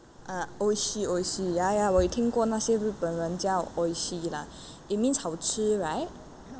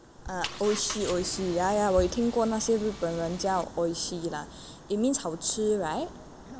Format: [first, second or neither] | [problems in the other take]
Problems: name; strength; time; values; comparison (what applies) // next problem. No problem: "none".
first | background sound (Engine); 13 dB below the speech